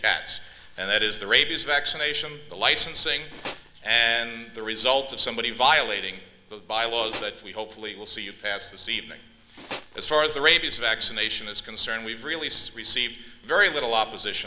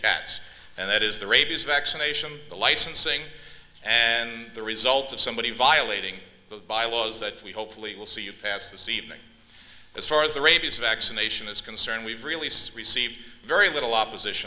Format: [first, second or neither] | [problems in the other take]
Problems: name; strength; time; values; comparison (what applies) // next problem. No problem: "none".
second | background sound (Tools); 12 dB below the speech